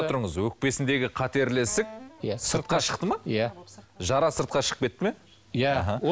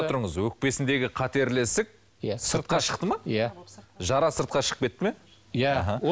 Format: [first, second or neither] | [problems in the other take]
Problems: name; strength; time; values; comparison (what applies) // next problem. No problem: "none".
second | background sound (Wind instrument, woodwind instrument); 19 dB below the speech